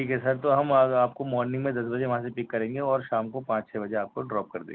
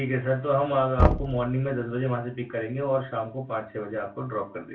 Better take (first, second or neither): first